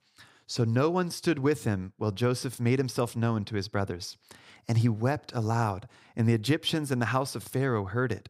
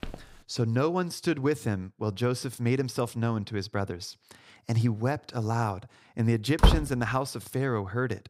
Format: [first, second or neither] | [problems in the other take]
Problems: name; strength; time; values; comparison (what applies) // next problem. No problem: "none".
first | footsteps; faint; at the start; peak 15 dB below the speech // door banging; loud; at 6.5 s; peak 5 dB above the speech